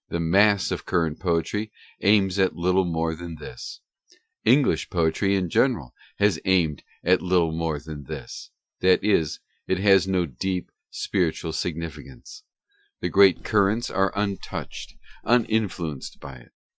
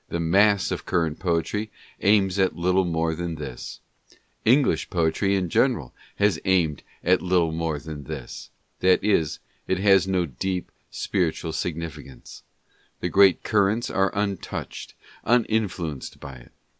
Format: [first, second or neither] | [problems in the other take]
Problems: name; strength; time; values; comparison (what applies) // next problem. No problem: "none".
second | noise reduction (classical method Wiener filter)